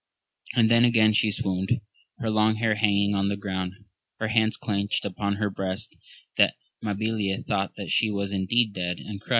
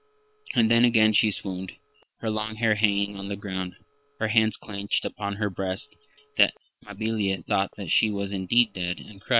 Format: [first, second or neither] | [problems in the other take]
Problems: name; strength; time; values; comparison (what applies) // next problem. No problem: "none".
first | noise reduction (neural separator model SepFormer WHAM!)